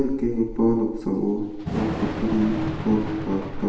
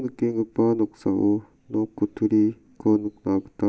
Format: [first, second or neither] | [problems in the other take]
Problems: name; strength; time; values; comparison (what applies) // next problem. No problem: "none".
second | background sound (Thunder / Rain); 7 dB below the speech // room echo; dies away in 1 s